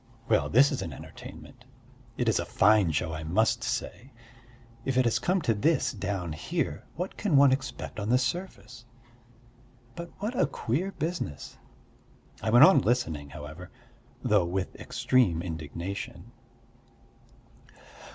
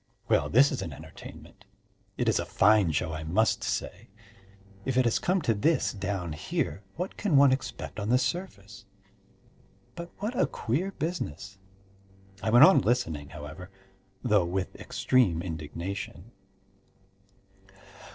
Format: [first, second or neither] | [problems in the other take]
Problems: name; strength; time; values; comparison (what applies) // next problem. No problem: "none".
first | noise reduction (neural separator model SepFormer DNS4)